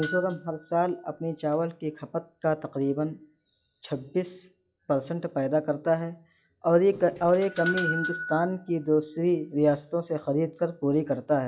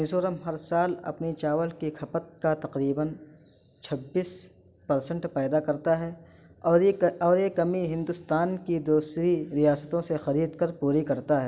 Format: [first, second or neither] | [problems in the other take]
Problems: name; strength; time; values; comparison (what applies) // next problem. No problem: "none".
second | noise reduction (classical method log-MMSE)